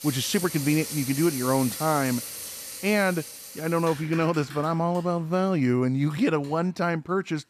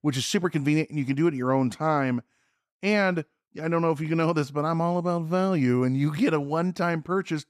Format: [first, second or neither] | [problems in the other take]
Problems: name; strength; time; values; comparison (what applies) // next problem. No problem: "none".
second | household noises; loud; throughout; 9 dB below the speech